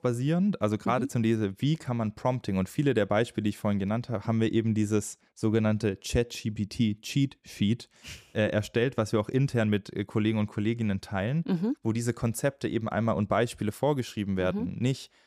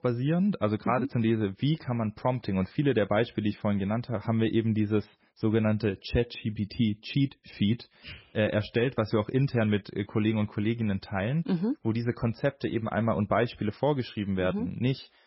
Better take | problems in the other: first | garbled, watery; badly; nothing above 5.5 kHz

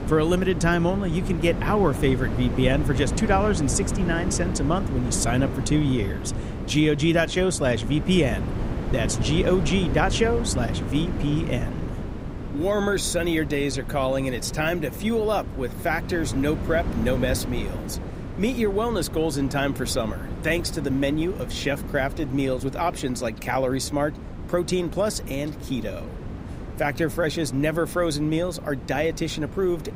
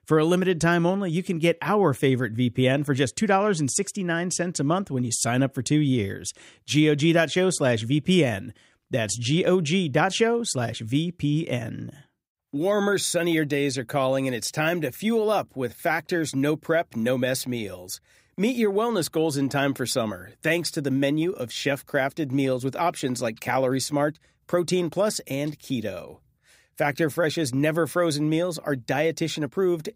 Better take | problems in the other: second | wind noise on the microphone; occasional gusts; 10 dB below the speech

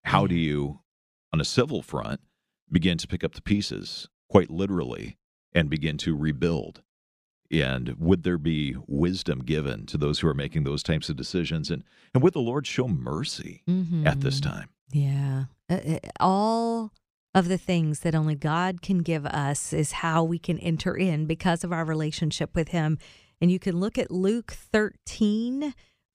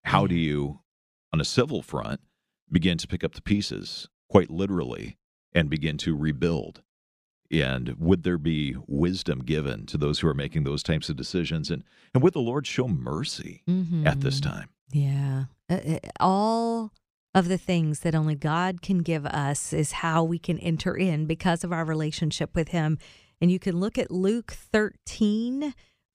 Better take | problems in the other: neither | none

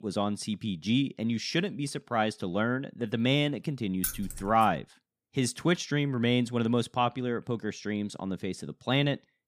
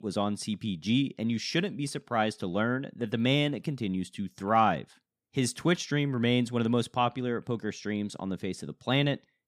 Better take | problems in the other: second | jangling keys; noticeable; at 4 s; peak 4 dB below the speech

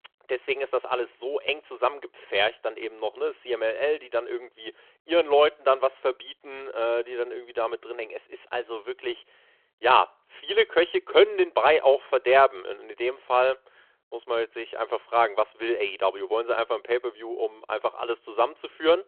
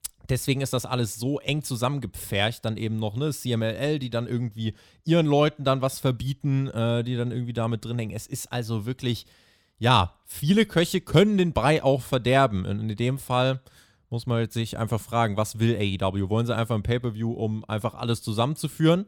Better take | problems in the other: second | phone-call audio

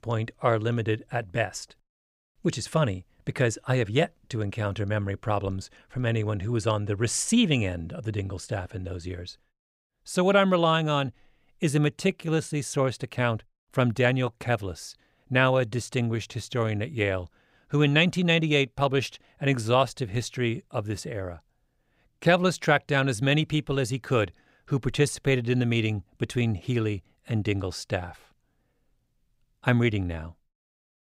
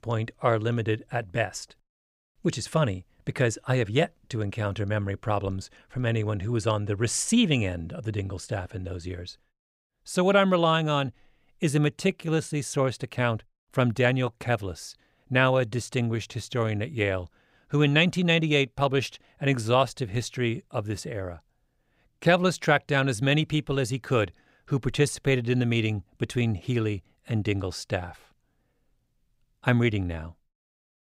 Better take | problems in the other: neither | none

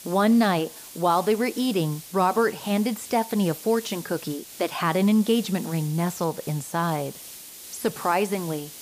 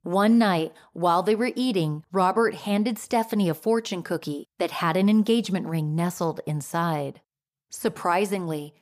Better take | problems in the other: second | hiss; noticeable; throughout; 15 dB below the speech

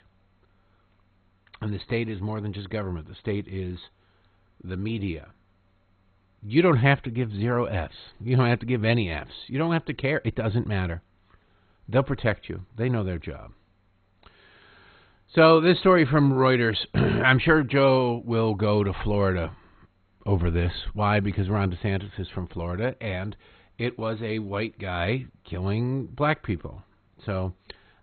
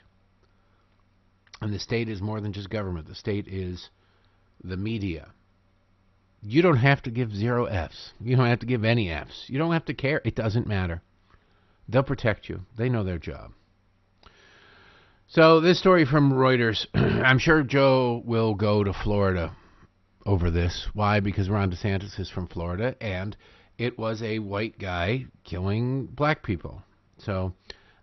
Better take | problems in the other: second | garbled, watery; badly; nothing above 4 kHz; slightly in the second

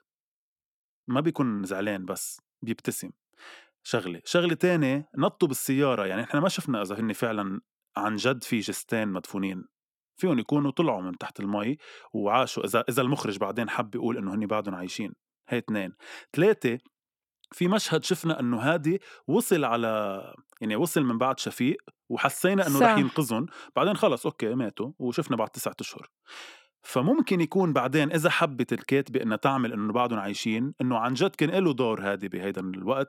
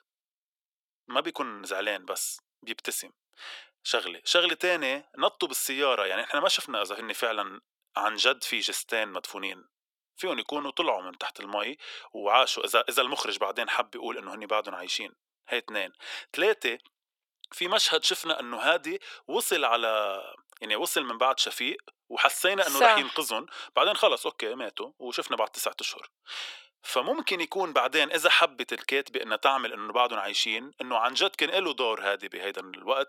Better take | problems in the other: first | thin; very; fading below 500 Hz

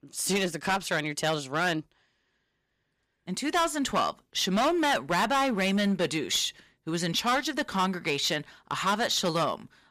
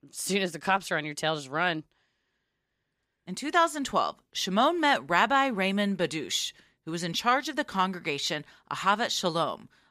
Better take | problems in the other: second | distortion; heavy; 8% of the sound clipped

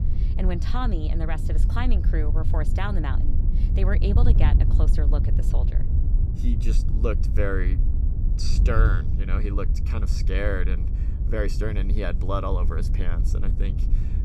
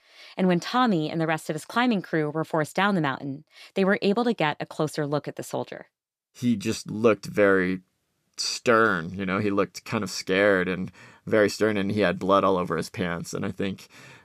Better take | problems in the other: second | wind noise on the microphone; heavy; 8 dB below the speech

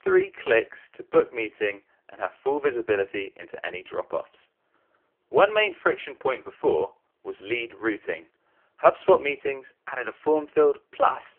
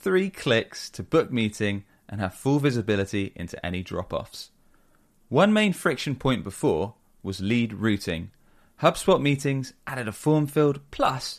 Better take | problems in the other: second | phone-call audio; poor line; nothing above 3 kHz

